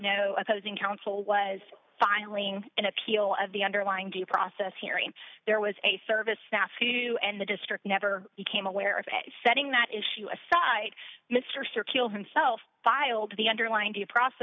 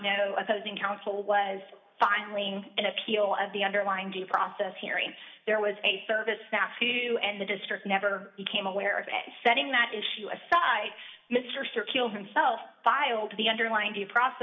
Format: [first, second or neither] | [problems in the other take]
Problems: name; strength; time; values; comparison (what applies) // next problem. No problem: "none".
first | room echo; dies away in 0.7 s